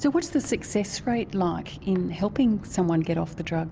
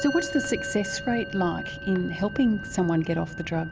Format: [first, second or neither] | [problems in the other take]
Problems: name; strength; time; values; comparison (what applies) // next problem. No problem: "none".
first | background sound (Musical instrument); 10 dB below the speech